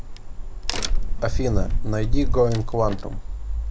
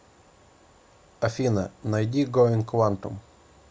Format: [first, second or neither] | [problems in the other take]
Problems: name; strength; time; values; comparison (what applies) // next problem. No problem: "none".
second | background sound (Crack); 4 dB above the speech